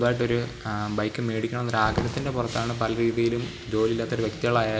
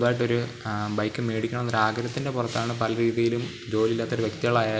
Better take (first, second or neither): second